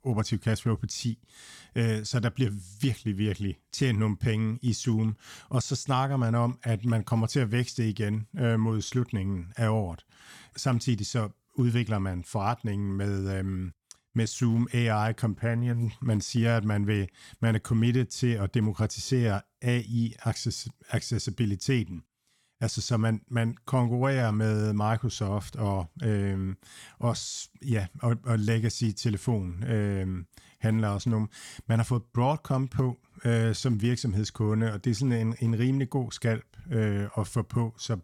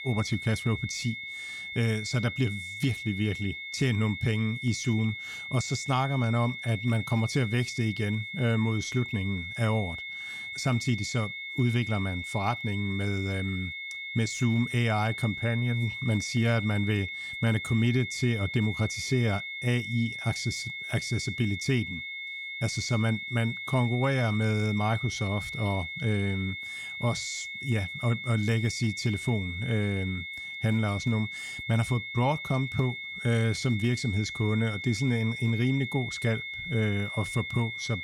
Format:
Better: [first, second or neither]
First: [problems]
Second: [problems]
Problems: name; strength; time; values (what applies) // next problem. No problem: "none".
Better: first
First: none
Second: high-pitched whine; loud; throughout; 2 kHz, 6 dB below the speech